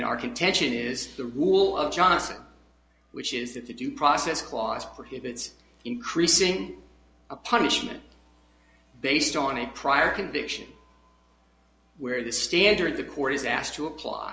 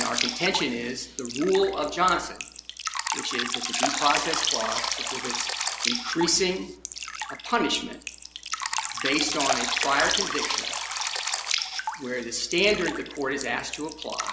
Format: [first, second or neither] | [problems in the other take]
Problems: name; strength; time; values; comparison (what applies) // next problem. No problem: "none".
first | background sound (Drip); 2 dB below the speech